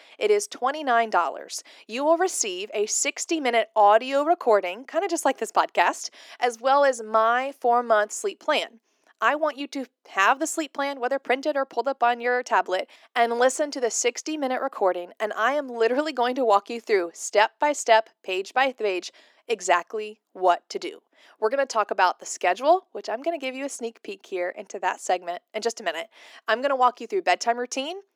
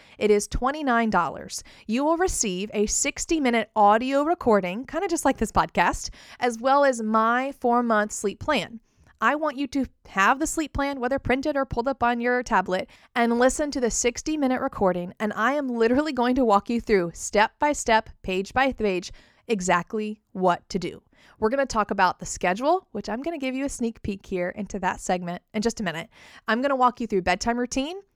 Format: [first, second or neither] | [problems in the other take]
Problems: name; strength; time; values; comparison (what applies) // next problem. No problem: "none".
second | thin; somewhat; fading below 300 Hz